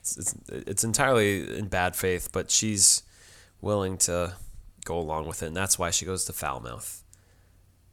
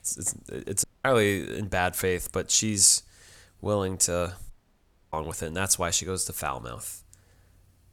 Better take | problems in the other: first | audio cutting out; at 1 s and at 4.5 s for 0.5 s

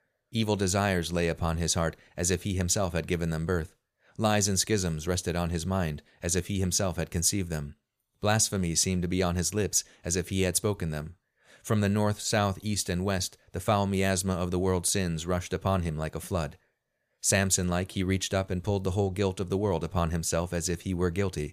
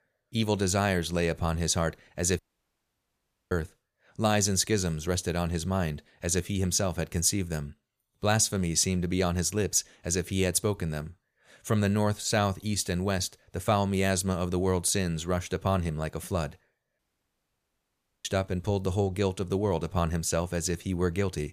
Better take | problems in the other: first | audio cutting out; at 2.5 s for 1 s and at 17 s for 1.5 s

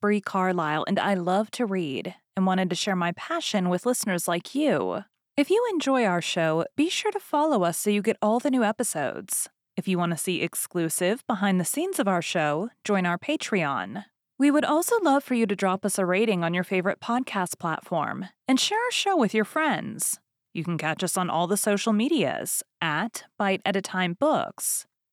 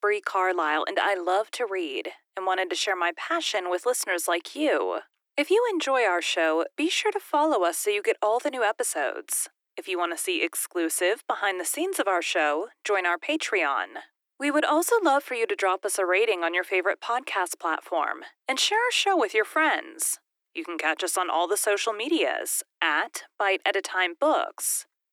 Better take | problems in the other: first | thin; very; fading below 300 Hz

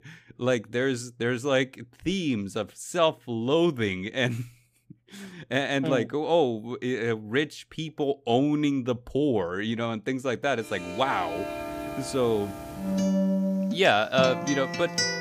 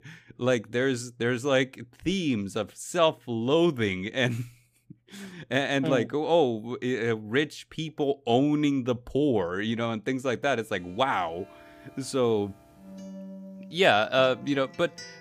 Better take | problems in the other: second | background music; loud; from 11 s on; 3 dB below the speech; faint in the second

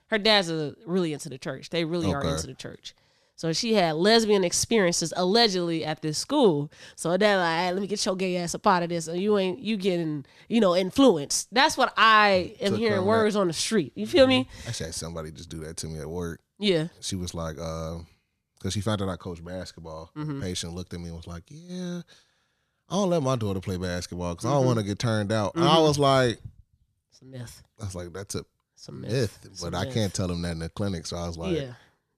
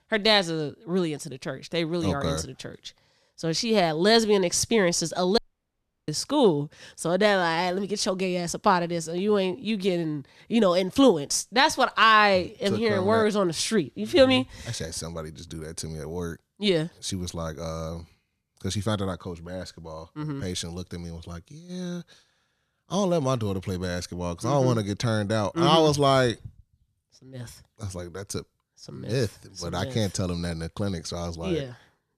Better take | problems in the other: first | audio cutting out; at 5.5 s for 0.5 s

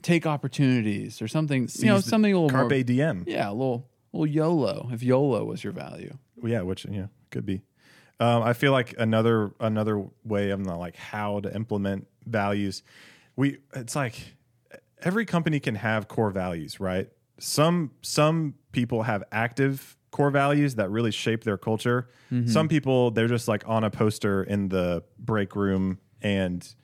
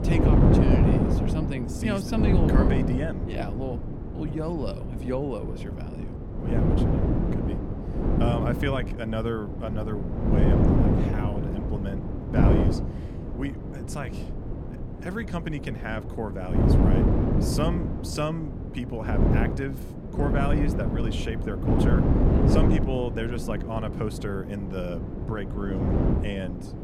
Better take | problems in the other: first | wind noise on the microphone; heavy; 2 dB above the speech

